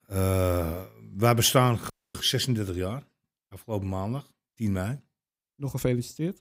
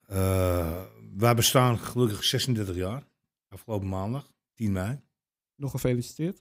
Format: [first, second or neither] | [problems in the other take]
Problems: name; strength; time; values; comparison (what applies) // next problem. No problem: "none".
second | audio cutting out; at 2 s